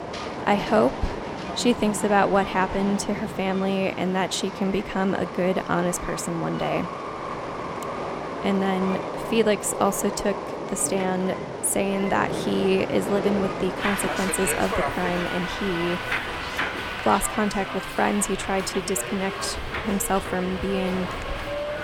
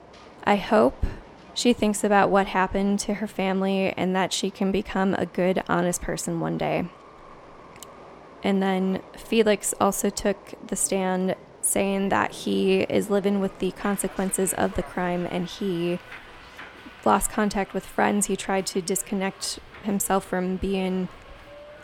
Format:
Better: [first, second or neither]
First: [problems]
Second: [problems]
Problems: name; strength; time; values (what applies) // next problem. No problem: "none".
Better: second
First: train or aircraft noise; loud; throughout; 5 dB below the speech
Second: train or aircraft noise; faint; throughout; 20 dB below the speech